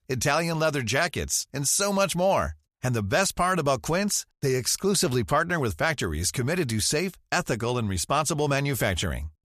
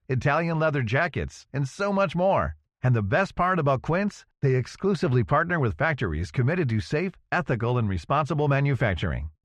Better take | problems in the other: first | muffled; very; fading above 2 kHz

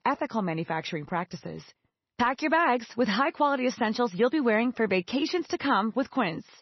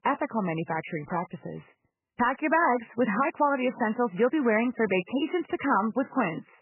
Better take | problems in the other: first | garbled, watery; badly; nothing above 3 kHz; slightly in the first

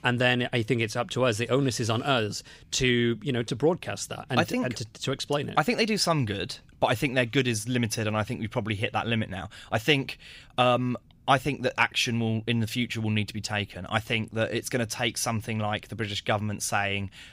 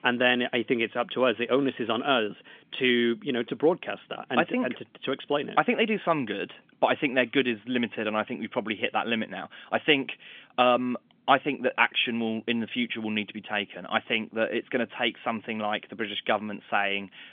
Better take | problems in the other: first | phone-call audio; nothing above 3.5 kHz

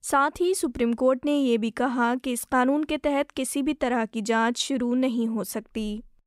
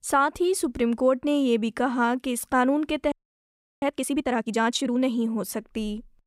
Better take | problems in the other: first | audio freezing; at 3 s for 0.5 s

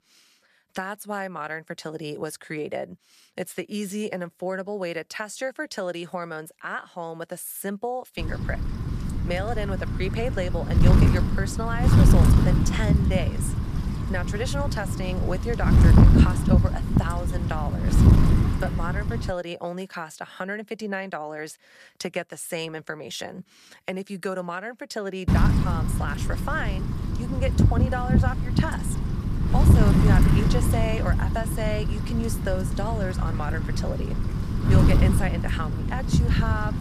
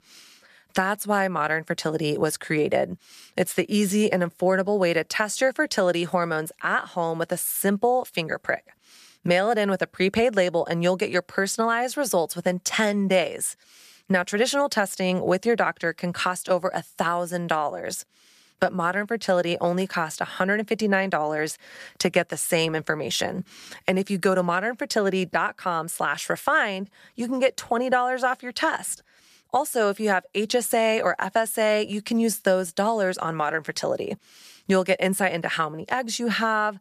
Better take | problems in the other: second | wind noise on the microphone; heavy; from 8 to 19 s and from 25 s on; 1 dB below the speech

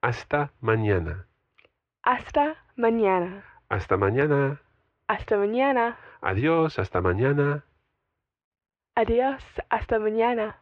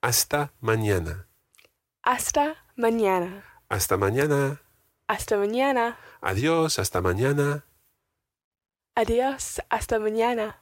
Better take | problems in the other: second | muffled; very; fading above 3 kHz

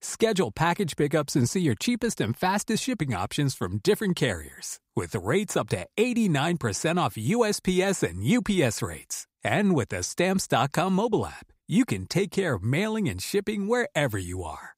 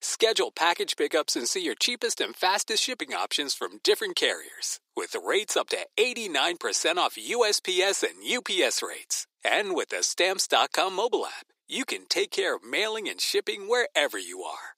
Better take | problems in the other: first | thin; very; fading below 350 Hz

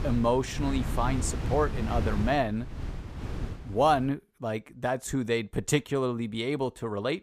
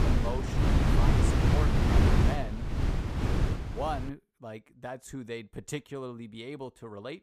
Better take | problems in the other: first | wind noise on the microphone; heavy; until 4 s; 5 dB above the speech; occasional gusts in the first

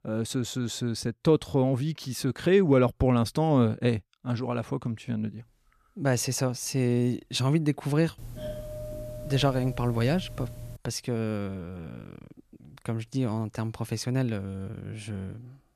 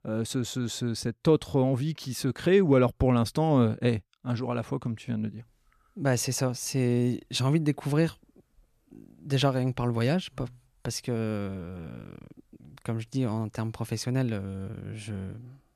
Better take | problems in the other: second | doorbell; noticeable; from 8 to 11 s; peak 9 dB below the speech

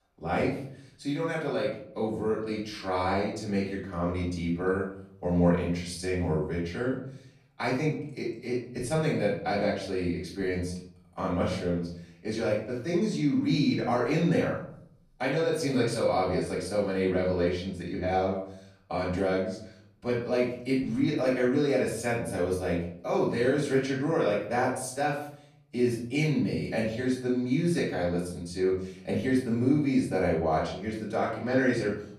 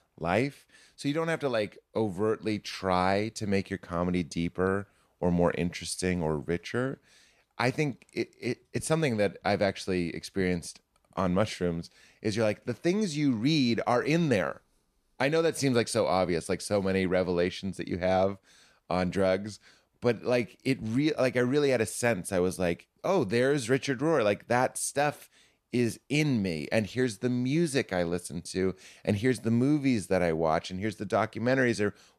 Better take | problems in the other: second | off-mic speech; far // room echo; noticeable; dies away in 0.6 s

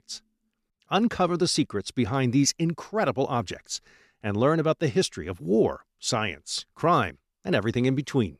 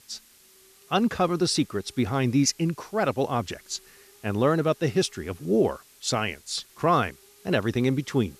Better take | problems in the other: first | hiss; faint; throughout; 25 dB below the speech

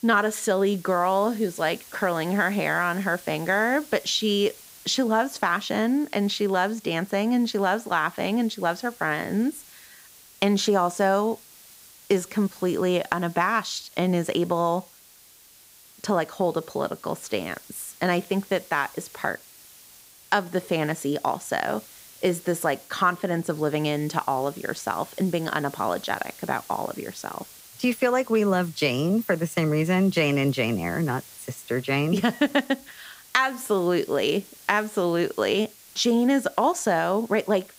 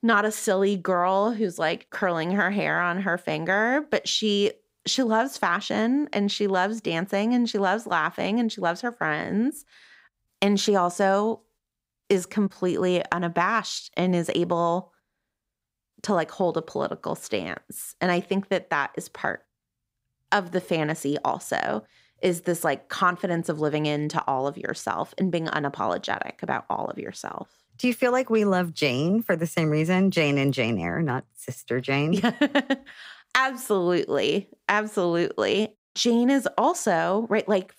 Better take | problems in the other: second | hiss; faint; throughout; 20 dB below the speech

